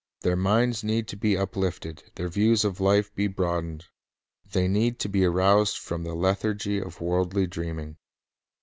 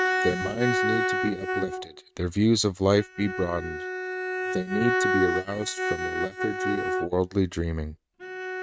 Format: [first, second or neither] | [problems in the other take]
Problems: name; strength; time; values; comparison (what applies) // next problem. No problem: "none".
first | noise reduction (neural mask model RNNoise)